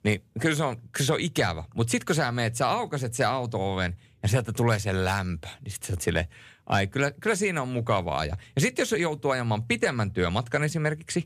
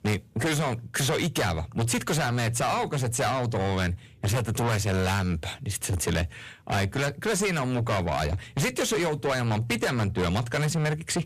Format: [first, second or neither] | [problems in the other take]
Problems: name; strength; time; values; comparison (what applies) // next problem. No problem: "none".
first | distortion; heavy; 6 dB below the speech